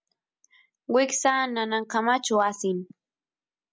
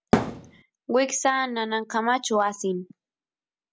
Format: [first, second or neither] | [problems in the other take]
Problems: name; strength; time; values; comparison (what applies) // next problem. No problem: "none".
first | background sound (Thump, thud); 3 dB above the speech